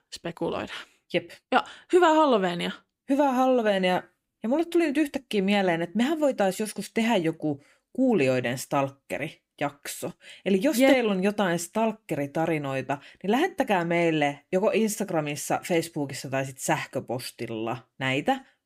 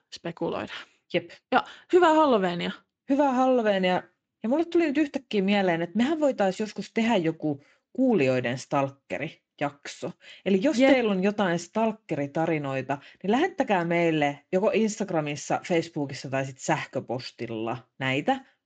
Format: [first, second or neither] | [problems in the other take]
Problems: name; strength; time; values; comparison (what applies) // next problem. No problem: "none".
first | garbled, watery; slightly; nothing above 7.5 kHz